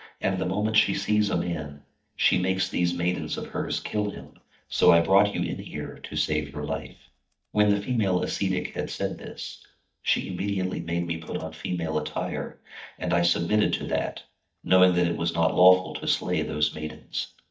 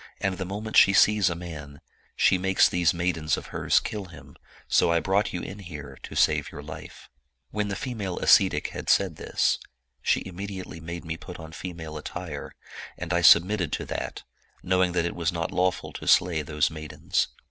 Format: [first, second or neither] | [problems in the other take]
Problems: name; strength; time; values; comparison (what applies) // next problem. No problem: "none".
second | noise reduction (neural mask model DeepFilterNet 3)